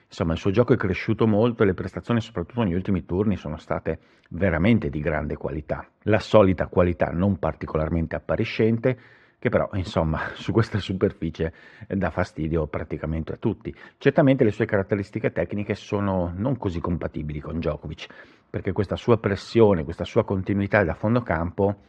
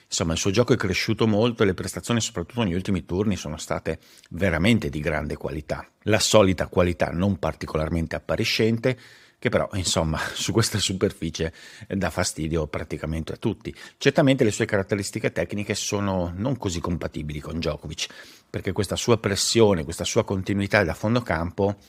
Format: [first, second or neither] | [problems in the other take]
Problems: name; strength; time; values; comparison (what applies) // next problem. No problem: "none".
second | muffled; very; fading above 2 kHz